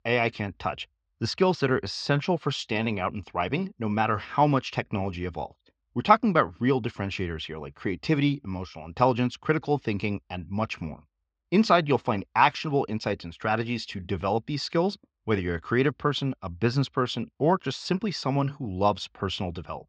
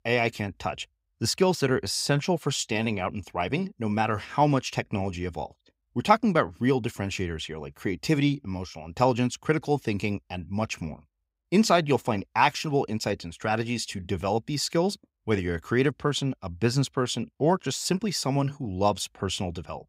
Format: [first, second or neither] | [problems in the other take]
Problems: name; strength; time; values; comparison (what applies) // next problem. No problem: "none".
second | muffled; very slightly; fading above 5 kHz